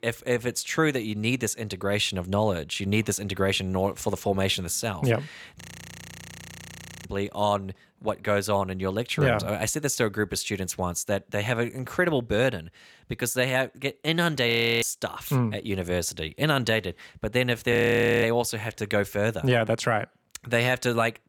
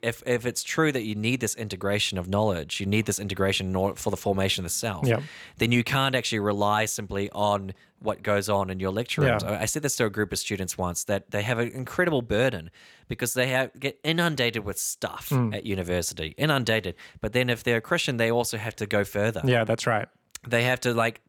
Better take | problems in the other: second | audio freezing; at 5.5 s for 1.5 s, at 14 s and at 18 s for 0.5 s

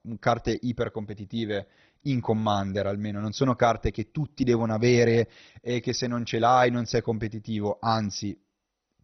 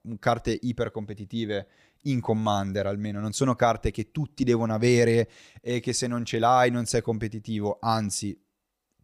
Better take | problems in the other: second | garbled, watery; badly; nothing above 6 kHz

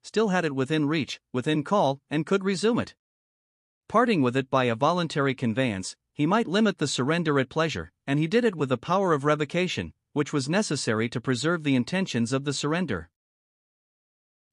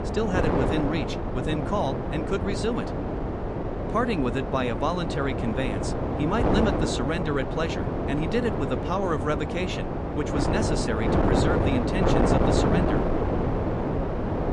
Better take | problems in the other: first | wind noise on the microphone; heavy; 1 dB above the speech

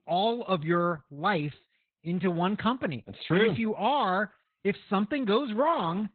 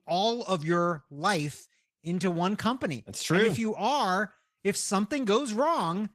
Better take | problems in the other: second | garbled, watery; badly; nothing above 4 kHz; slightly in the second

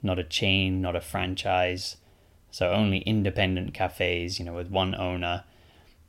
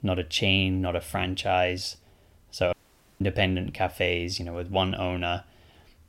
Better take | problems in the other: first | audio cutting out; at 2.5 s

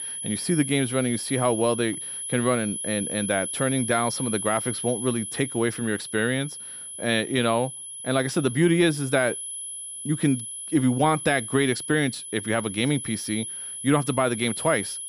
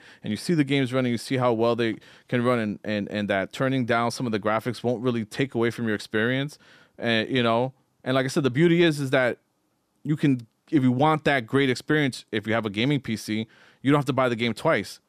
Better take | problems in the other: second | high-pitched whine; loud; throughout; 10.5 kHz, 7 dB below the speech

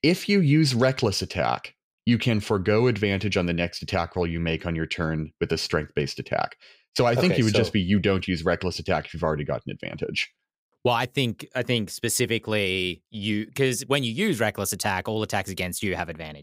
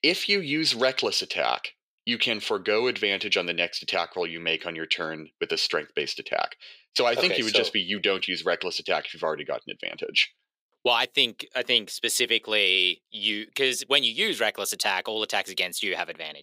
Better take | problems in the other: first | thin; somewhat; fading below 400 Hz

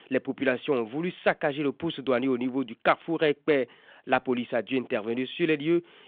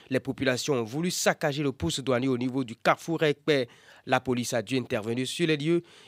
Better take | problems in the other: second | phone-call audio; nothing above 3.5 kHz

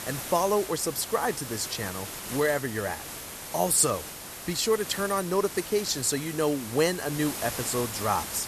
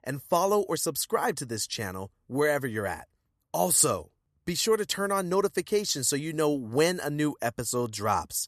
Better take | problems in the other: second | hiss; loud; throughout; 9 dB below the speech

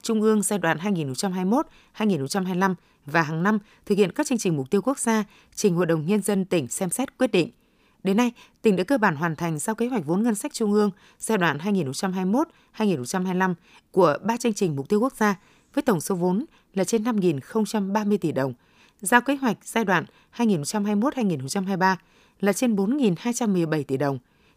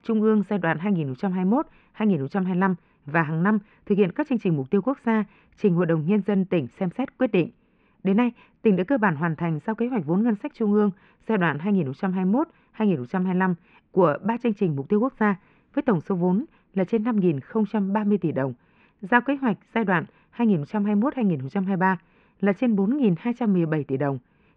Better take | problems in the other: first | muffled; very; fading above 2.5 kHz

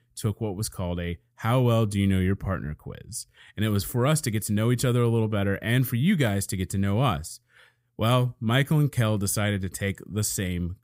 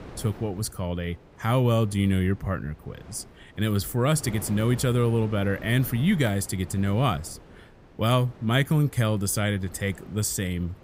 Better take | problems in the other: first | wind noise on the microphone; occasional gusts; 20 dB below the speech

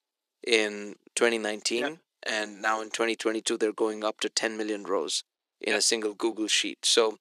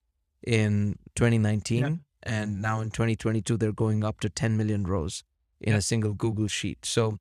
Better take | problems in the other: second | thin; very; fading below 300 Hz

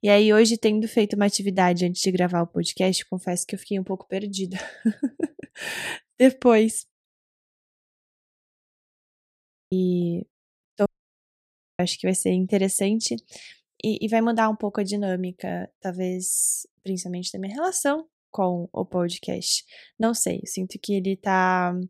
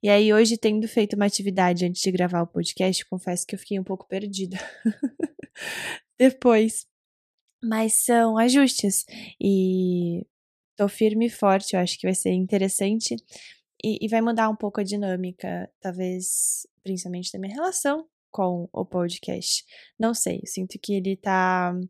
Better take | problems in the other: second | audio cutting out; at 7 s for 2.5 s and at 11 s for 1 s

